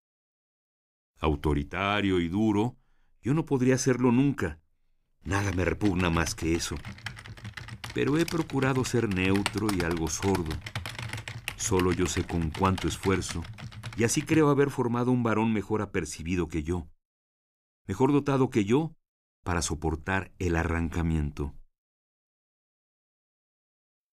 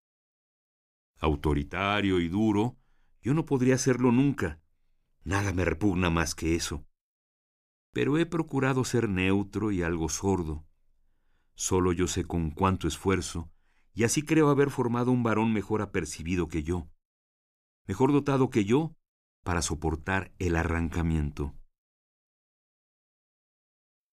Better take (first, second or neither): second